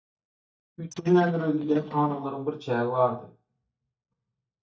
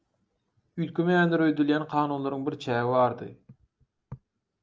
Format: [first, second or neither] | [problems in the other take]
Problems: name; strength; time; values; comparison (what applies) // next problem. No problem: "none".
second | noise reduction (neural mask model DeepFilterNet 3)